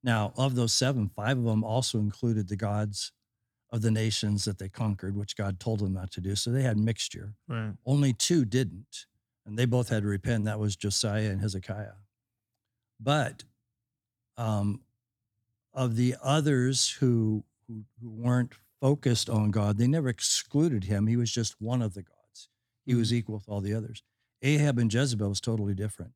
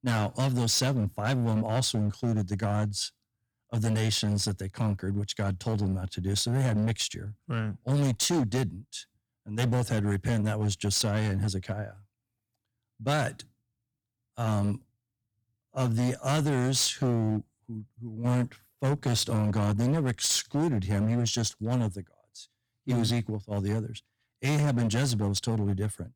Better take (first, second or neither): first